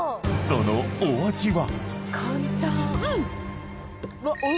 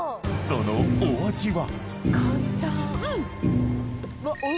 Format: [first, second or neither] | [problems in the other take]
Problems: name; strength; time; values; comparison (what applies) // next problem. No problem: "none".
first | background sound (Thump, thud); 1 dB above the speech